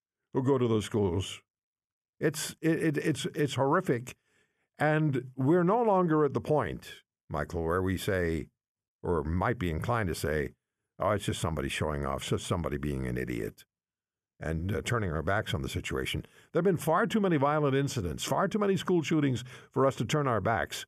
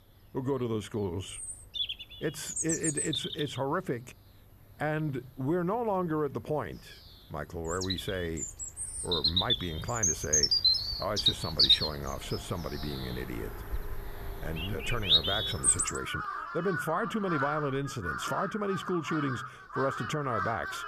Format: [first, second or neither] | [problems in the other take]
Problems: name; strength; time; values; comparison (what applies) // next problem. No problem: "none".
first | animal sounds; very loud; throughout; 5 dB above the speech